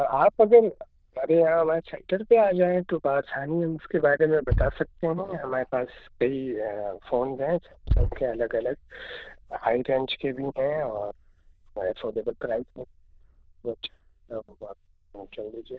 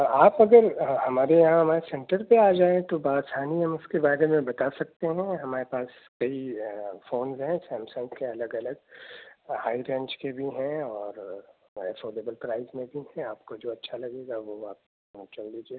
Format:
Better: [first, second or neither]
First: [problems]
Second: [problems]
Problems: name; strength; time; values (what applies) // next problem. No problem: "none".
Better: second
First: noise reduction (neural diffusion model UNIVERSE++)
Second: none